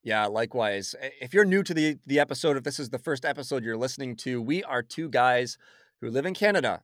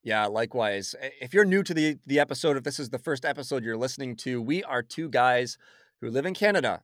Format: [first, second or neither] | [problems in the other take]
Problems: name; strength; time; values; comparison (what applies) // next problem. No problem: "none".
neither | none